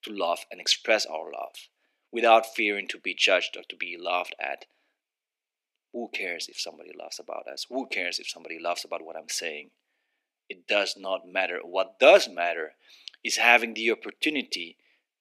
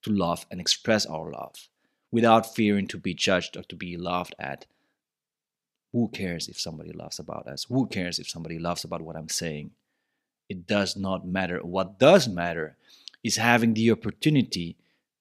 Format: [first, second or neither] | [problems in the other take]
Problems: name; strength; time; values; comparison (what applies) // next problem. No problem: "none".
second | thin; very; fading below 300 Hz